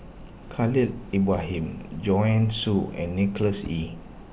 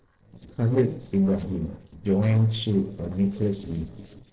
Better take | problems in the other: first | noise reduction (neural separator model SepFormer DNS4)

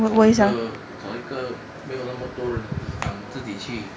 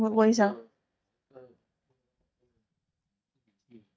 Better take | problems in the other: first | noise reduction (neural mask model DeepFilterNet 3)

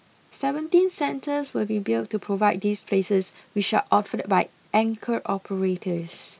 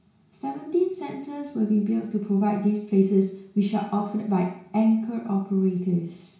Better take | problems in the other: first | room echo; dies away in 0.6 s

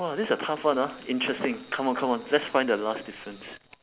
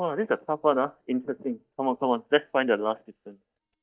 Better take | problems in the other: first | noise reduction (neural mask model DeepFilterNet 3)

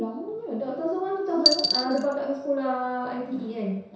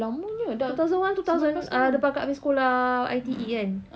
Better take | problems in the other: second | background sound (Coin (dropping)); 1 dB below the speech // room echo; dies away in 0.7 s

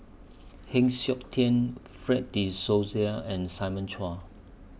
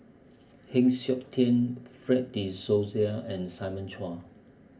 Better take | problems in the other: first | room echo; dies away in 0.3 s

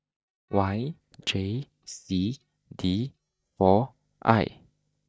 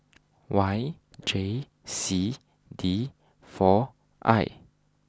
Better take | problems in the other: second | noise reduction (neural mask model DeepFilterNet 3)

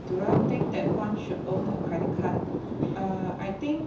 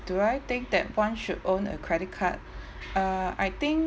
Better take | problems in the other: second | background sound (Thunder); 3 dB above the speech // room echo; dies away in 0.7 s

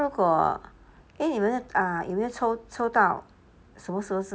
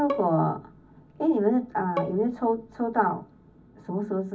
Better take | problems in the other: first | background sound (Bowed string instrument); 12 dB below the speech // room echo; dies away in 0.4 s

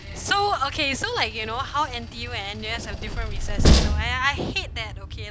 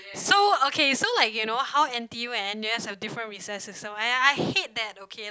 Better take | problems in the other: second | background sound (Train); 2 dB above the speech

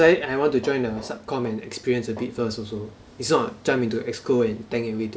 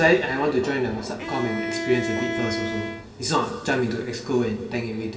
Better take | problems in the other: first | background sound (Bowed string instrument); 6 dB below the speech // room echo; dies away in 2.5 s

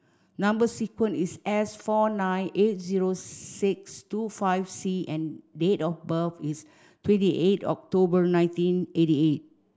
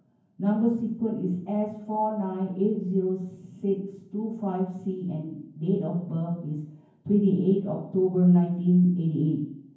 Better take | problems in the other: first | room echo; dies away in 0.9 s

